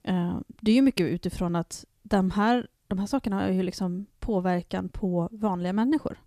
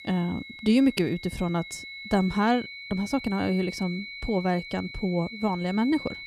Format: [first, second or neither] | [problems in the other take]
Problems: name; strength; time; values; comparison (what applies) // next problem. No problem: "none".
first | high-pitched whine; noticeable; throughout; 2 kHz, 10 dB below the speech